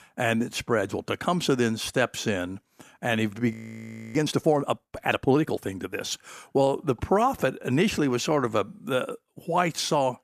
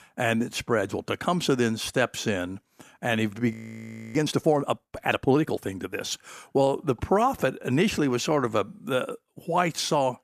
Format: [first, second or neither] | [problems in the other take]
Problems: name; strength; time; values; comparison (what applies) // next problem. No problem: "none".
neither | audio freezing; at 3.5 s for 0.5 s; the same in both